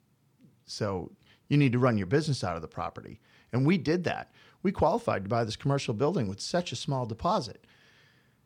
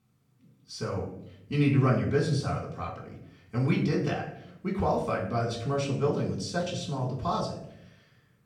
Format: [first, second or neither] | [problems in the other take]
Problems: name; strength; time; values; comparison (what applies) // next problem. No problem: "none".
first | off-mic speech; far // room echo; noticeable; dies away in 0.6 s